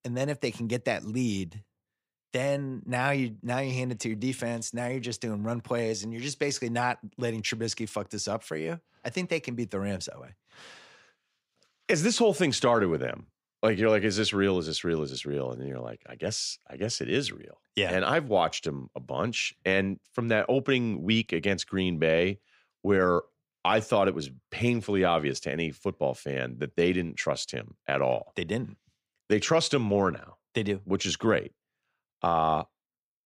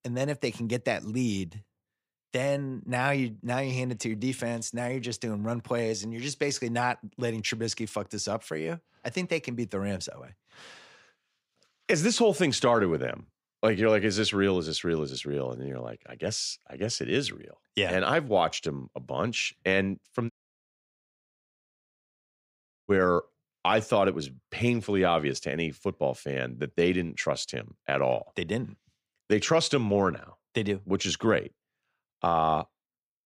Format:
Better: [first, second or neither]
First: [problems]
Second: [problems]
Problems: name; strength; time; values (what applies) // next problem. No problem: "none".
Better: first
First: none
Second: audio cutting out; at 20 s for 2.5 s